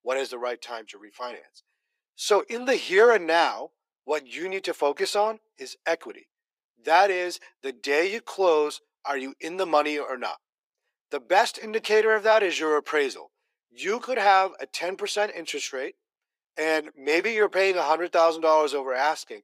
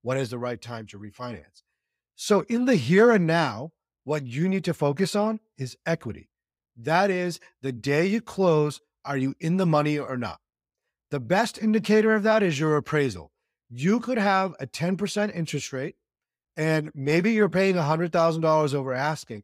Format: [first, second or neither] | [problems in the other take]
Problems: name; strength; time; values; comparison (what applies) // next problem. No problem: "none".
second | thin; very; fading below 350 Hz